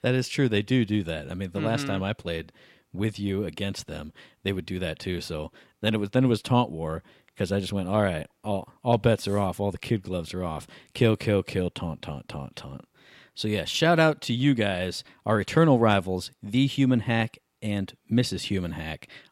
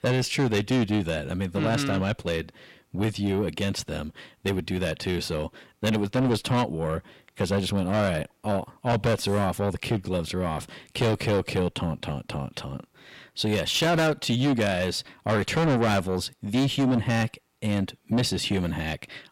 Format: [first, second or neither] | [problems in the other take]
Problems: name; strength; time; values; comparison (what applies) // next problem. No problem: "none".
first | distortion; heavy; 6 dB below the speech